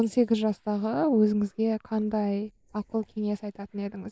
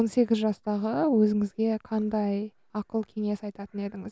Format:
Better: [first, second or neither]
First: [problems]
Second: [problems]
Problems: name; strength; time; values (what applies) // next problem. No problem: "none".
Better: second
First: noise reduction (neural mask model Resemble Enhance denoiser)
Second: none